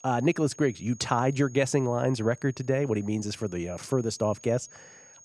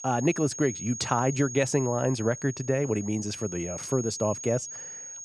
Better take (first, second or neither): first